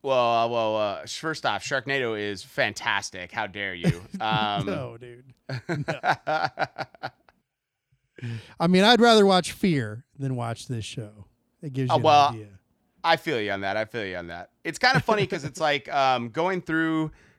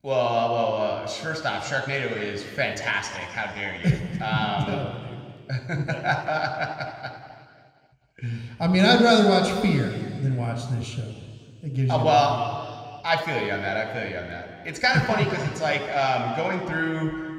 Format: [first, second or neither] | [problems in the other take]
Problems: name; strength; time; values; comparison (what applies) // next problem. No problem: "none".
first | room echo; noticeable; dies away in 2.2 s